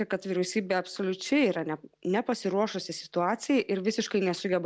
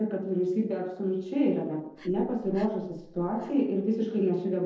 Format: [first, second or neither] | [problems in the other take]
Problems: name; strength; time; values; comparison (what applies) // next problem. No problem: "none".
first | noise reduction (neural separator model SepFormer DNS4)